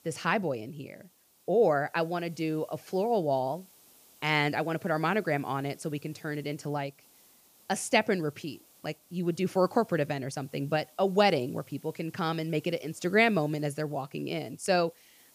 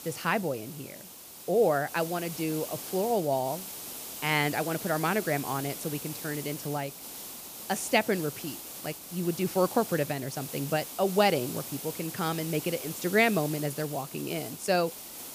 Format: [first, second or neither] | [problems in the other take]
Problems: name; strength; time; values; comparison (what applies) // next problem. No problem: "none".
first | hiss; loud; throughout; 9 dB below the speech; faint in the first